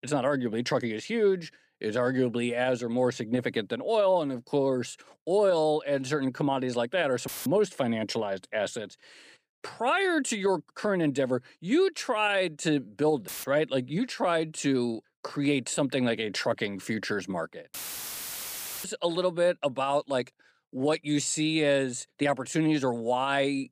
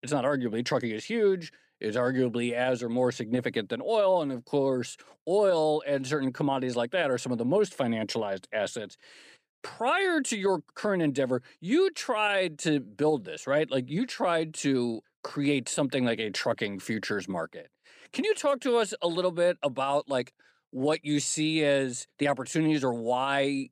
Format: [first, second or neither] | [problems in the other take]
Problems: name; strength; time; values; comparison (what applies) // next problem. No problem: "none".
second | audio cutting out; filled with static; at 7.5 s, at 13 s and at 18 s for 1 s